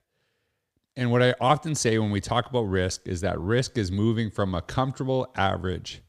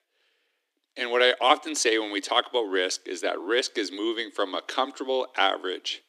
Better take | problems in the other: first | thin; very; fading below 300 Hz

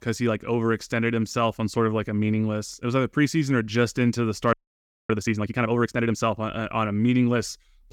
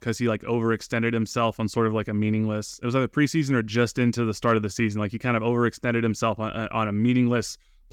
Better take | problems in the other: second | audio freezing; at 4.5 s for 0.5 s

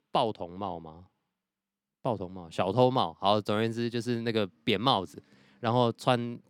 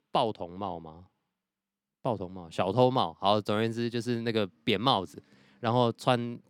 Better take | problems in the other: neither | none

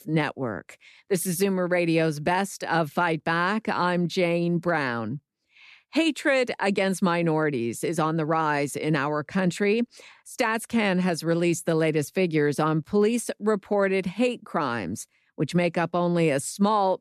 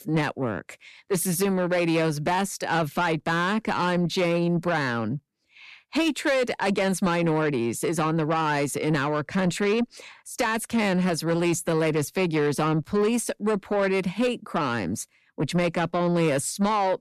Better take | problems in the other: first | distortion; slight; 10 dB below the speech

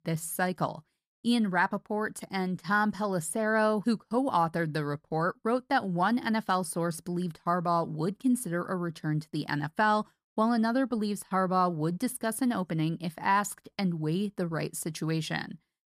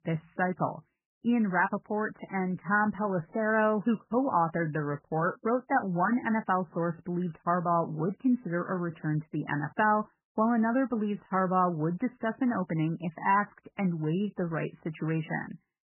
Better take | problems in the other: first | garbled, watery; badly; nothing above 3 kHz

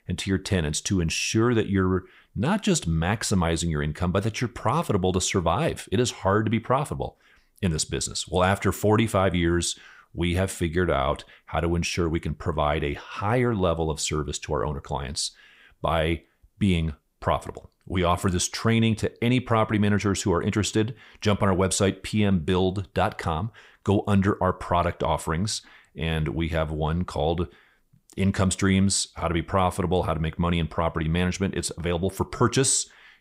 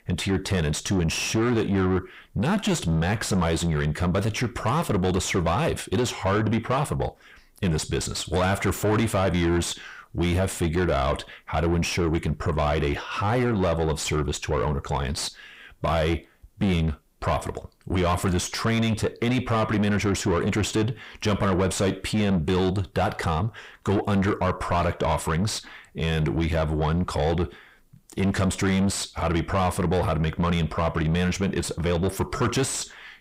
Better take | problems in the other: first | distortion; heavy; 7 dB below the speech

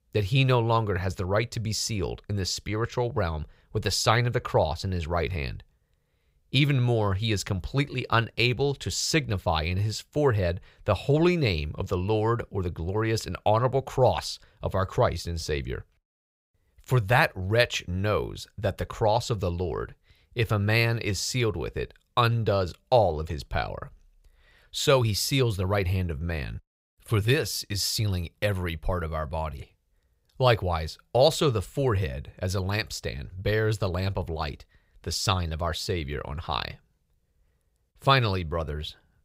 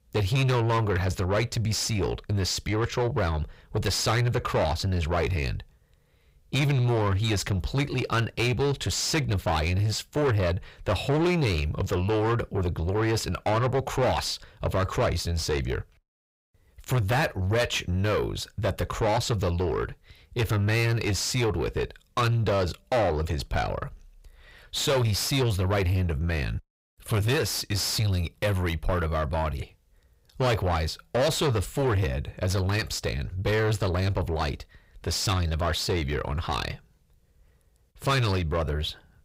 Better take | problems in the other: first | distortion; heavy; 6 dB below the speech

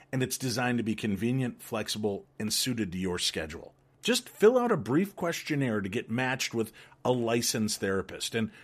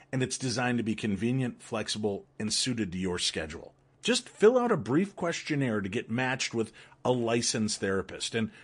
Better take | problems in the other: first | garbled, watery; slightly; nothing above 8 kHz

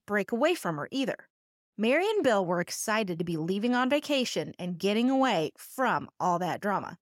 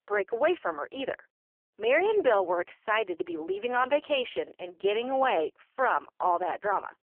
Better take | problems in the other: first | phone-call audio; poor line; nothing above 3 kHz

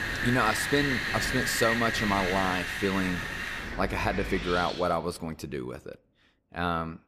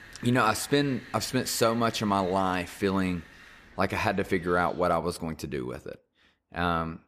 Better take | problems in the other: second | wind in the background; loud; until 4.5 s; 1 dB below the speech; faint in the second

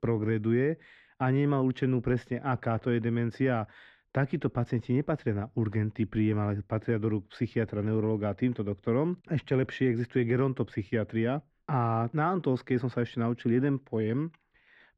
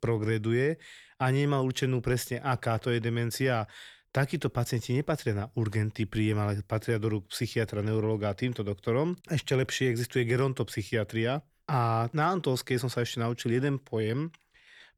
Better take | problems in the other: second | muffled; very; fading above 2 kHz

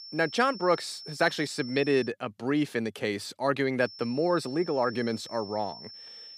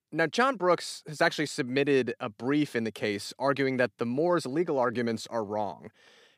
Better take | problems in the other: second | high-pitched whine; noticeable; until 2 s and from 4 s on; 5.5 kHz, 15 dB below the speech

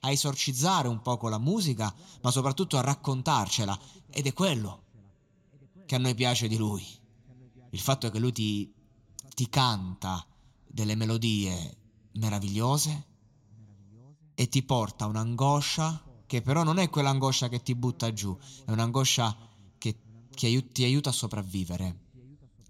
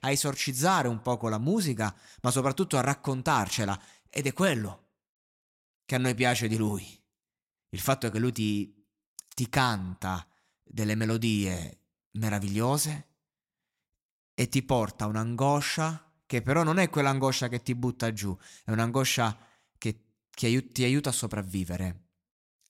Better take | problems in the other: second | room echo; slight; dies away in 3 s

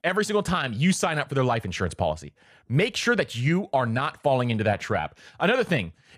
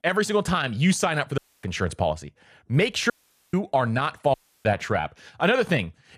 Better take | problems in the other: first | audio cutting out; at 1.5 s, at 3 s and at 4.5 s

